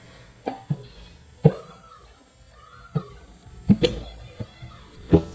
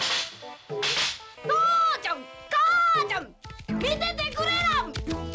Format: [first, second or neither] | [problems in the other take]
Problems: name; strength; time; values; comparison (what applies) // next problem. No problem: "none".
second | noise reduction (neural mask model DeepFilterNet 3)